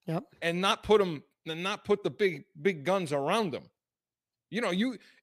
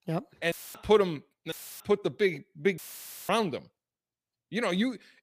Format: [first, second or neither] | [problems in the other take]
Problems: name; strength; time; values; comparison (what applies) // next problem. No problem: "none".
first | audio cutting out; filled with static; at 0.5 s, at 1.5 s and at 3 s for 0.5 s